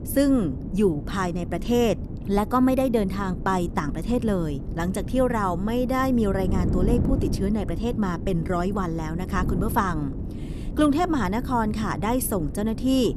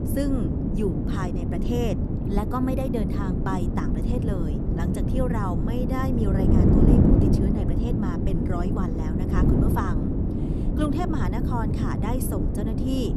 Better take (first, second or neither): first